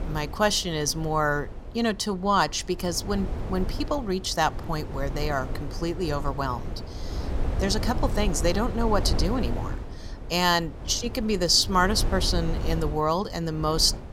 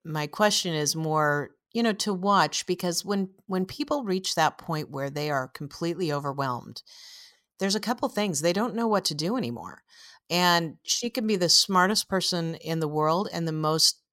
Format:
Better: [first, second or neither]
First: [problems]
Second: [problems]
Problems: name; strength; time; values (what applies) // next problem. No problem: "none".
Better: second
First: wind noise on the microphone; occasional gusts; 15 dB below the speech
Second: none